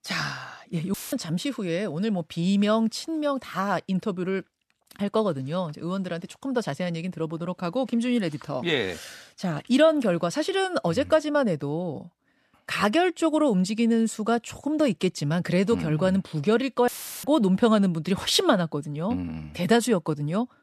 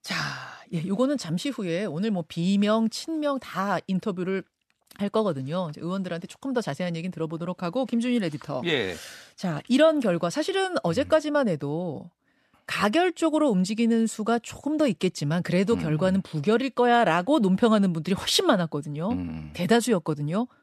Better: second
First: audio cutting out; filled with static; at 1 s and at 17 s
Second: none

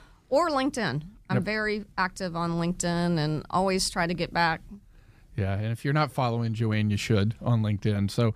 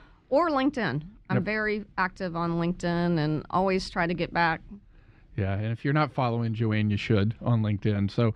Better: first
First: none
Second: muffled; slightly; fading above 3 kHz

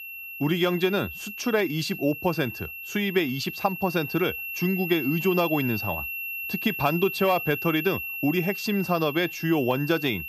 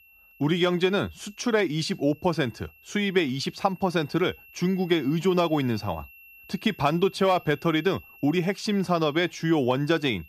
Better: second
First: high-pitched whine; loud; throughout; 2.5 kHz, 6 dB below the speech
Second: high-pitched whine; faint; throughout; 2.5 kHz, 25 dB below the speech

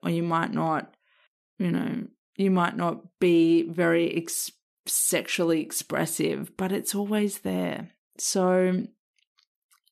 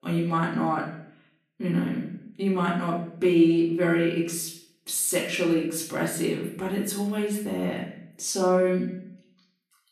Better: first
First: none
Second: room echo; noticeable; dies away in 0.6 s // off-mic speech; far

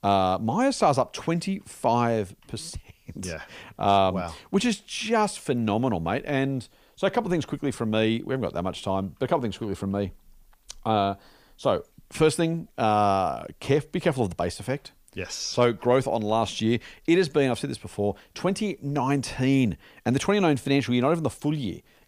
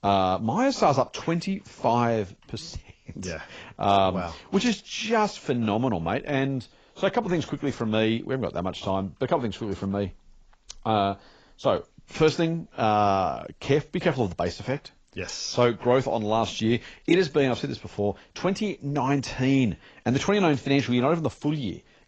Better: first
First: none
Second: garbled, watery; badly; nothing above 7.5 kHz

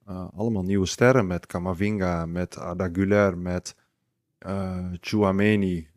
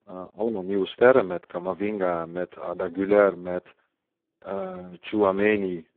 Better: first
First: none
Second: phone-call audio; poor line

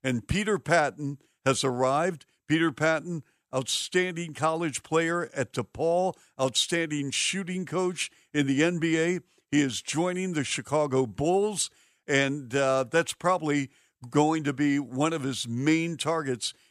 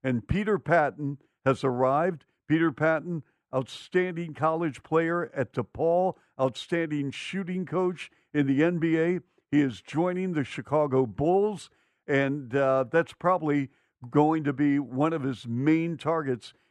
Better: first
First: none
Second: muffled; very; fading above 3 kHz

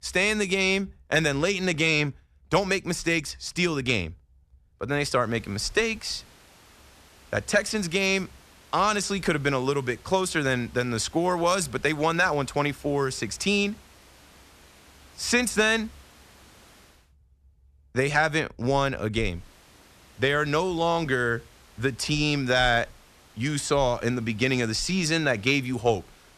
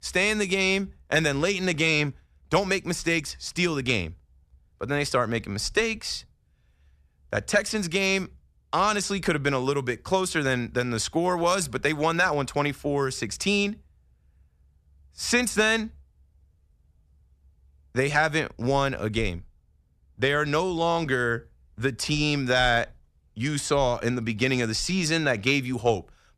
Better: second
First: hiss; faint; from 5 to 17 s and from 19 s on; 30 dB below the speech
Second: none

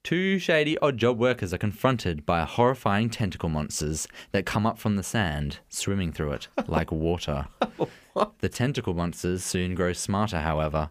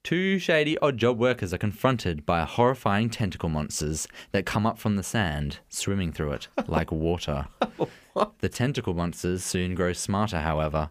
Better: neither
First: none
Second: none

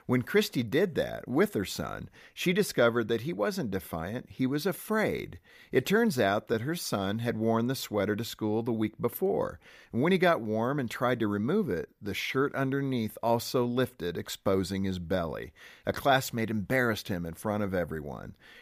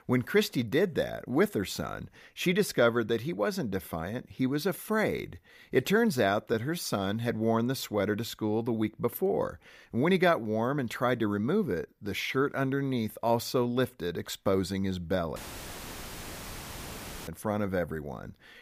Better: first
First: none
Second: audio cutting out; filled with static; at 15 s for 2 s

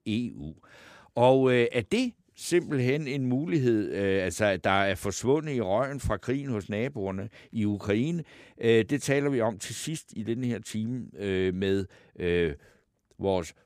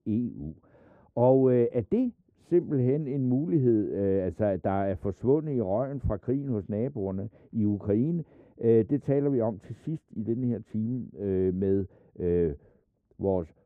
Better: first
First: none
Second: muffled; very; fading above 1.5 kHz

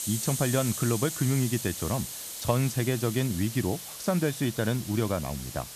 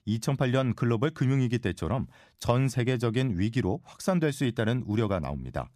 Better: second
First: hiss; loud; throughout; 7 dB below the speech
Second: none

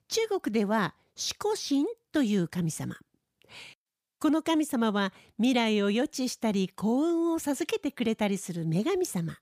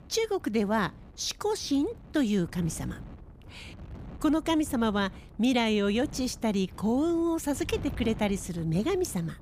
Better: first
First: none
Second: wind noise on the microphone; occasional gusts; 20 dB below the speech

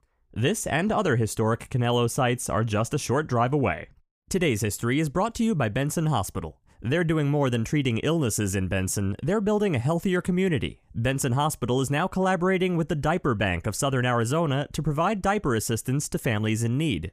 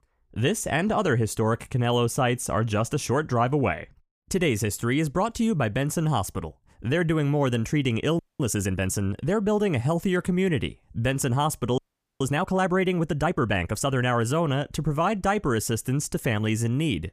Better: first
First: none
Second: audio freezing; at 8 s and at 12 s

